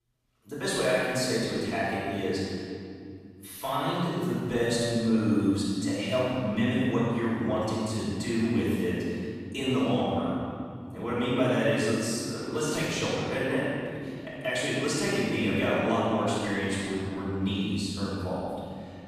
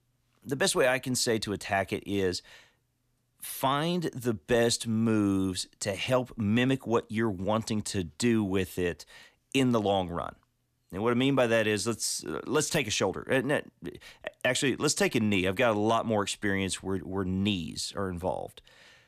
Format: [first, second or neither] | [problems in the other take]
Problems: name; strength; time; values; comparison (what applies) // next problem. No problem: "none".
second | room echo; strong; dies away in 2.3 s // off-mic speech; far